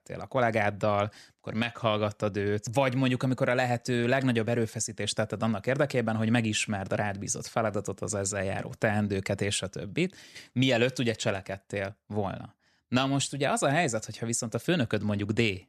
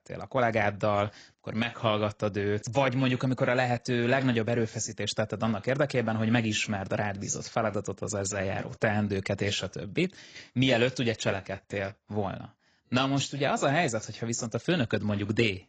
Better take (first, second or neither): first